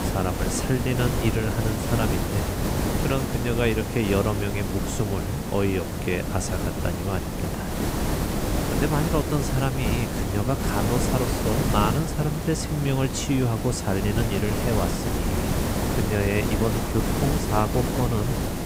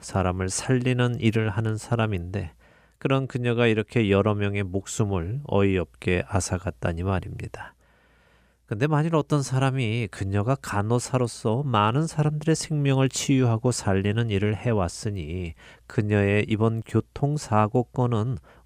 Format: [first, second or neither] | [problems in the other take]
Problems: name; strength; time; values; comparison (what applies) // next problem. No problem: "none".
second | hiss; loud; throughout; as loud as the speech